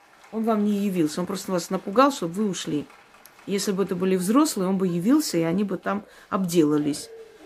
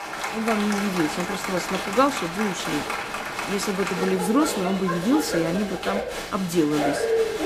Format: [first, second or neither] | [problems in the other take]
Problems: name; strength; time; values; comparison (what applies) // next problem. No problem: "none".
first | crowd noise; loud; throughout; 3 dB below the speech; faint in the first